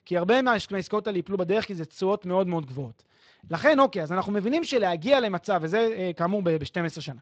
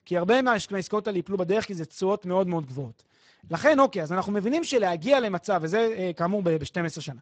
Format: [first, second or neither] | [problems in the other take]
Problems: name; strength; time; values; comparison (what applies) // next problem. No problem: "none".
first | garbled, watery; badly; nothing above 8 kHz; slightly in the first